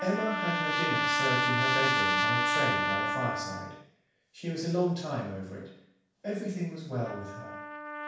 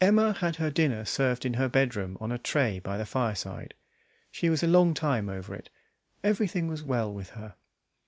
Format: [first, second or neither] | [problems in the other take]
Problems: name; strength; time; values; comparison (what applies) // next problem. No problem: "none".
second | background sound (Trumpet); 2 dB above the speech // room echo; dies away in 0.7 s